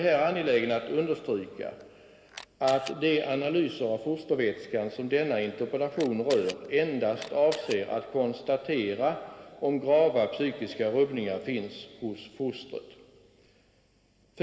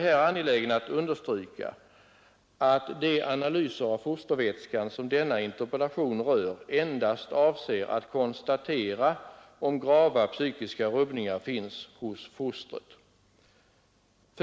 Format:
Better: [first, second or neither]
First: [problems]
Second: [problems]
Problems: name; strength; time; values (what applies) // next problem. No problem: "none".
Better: second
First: background sound (Camera); 16 dB below the speech // room echo; dies away in 2.1 s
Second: none